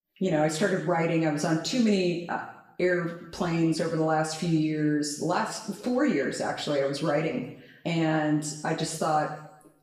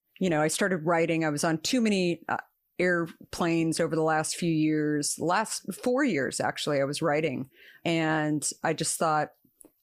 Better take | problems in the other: second | room echo; noticeable; dies away in 0.8 s // off-mic speech; far

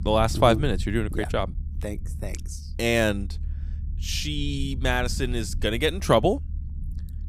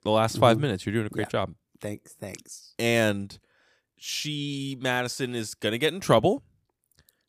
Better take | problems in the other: second | low rumble; faint; throughout; 25 dB below the speech

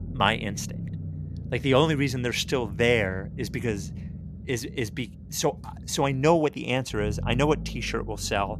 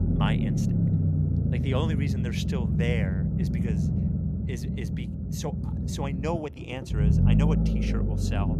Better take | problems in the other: first | low rumble; loud; throughout; as loud as the speech; faint in the first

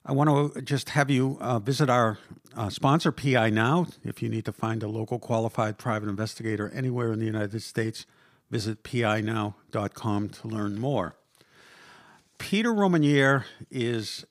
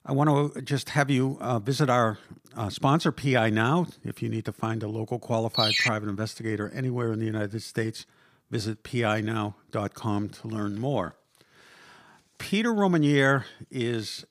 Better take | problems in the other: first | phone ringing; loud; at 5.5 s; peak 5 dB above the speech

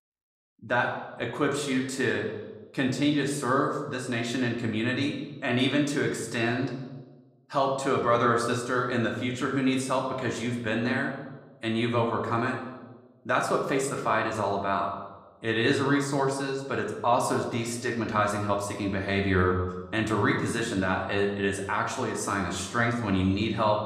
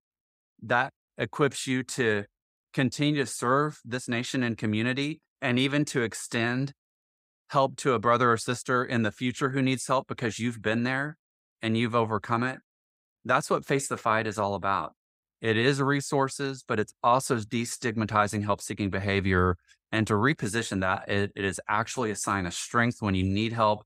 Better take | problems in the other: second | room echo; slight; dies away in 0.9 s // off-mic speech; somewhat distant

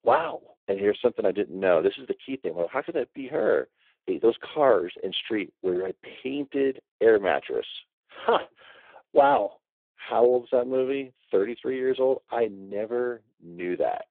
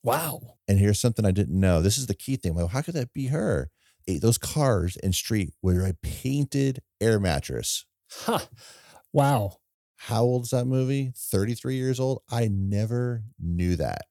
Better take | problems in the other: second | phone-call audio; poor line

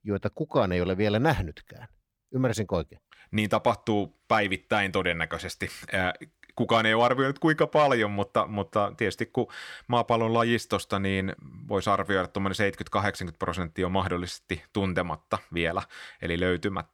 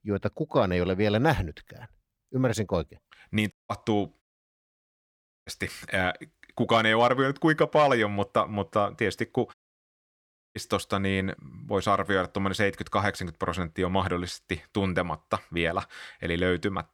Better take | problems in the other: first | audio cutting out; at 3.5 s, at 4 s for 1 s and at 9.5 s for 1 s

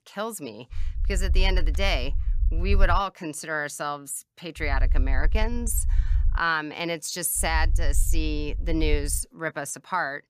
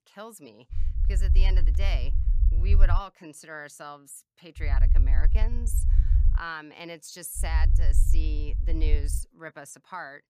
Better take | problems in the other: first | low rumble; loud; from 0.5 to 3 s, from 4.5 to 6.5 s and from 7.5 to 9 s; 9 dB below the speech; faint in the first

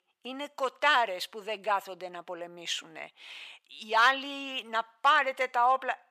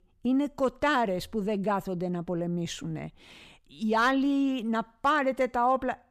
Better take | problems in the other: second | thin; very; fading below 800 Hz

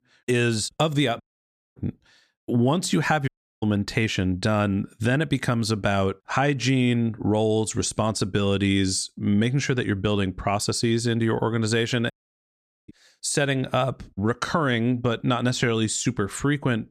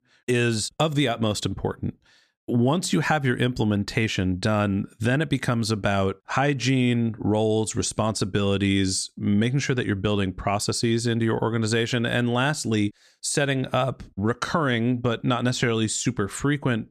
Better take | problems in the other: second | audio cutting out; at 1 s for 0.5 s, at 3.5 s and at 12 s for 1 s

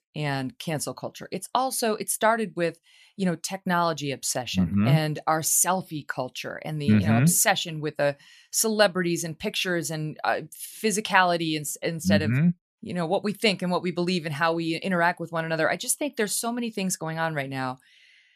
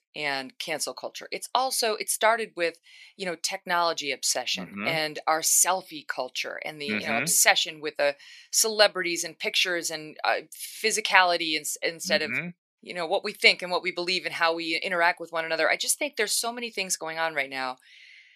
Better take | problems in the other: first | thin; somewhat; fading below 450 Hz

